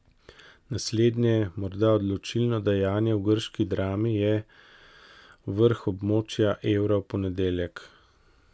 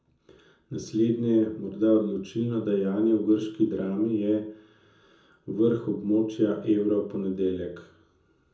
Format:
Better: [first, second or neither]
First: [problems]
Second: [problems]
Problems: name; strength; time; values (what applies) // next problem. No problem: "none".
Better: first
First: none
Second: room echo; dies away in 0.5 s